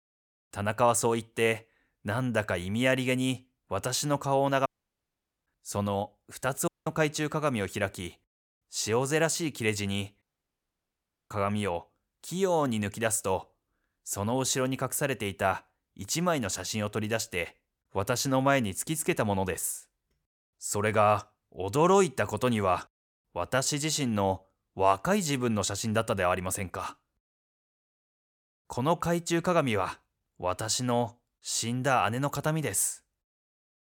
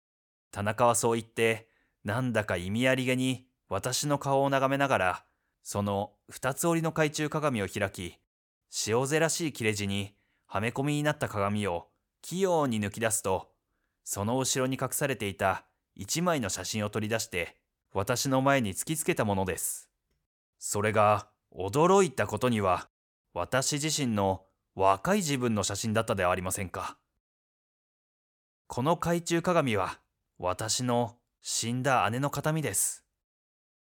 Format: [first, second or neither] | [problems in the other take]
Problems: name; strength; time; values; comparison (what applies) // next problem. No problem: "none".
second | audio cutting out; at 4.5 s for 1 s, at 6.5 s and at 10 s for 1 s